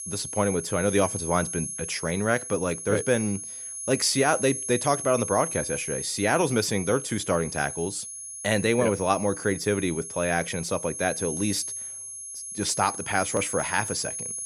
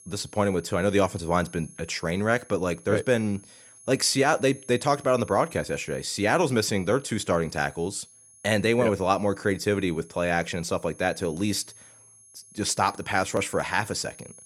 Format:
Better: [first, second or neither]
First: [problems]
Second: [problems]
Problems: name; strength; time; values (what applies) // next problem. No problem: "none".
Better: second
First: high-pitched whine; loud; throughout; 10.5 kHz, 6 dB below the speech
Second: high-pitched whine; faint; throughout; 10.5 kHz, 20 dB below the speech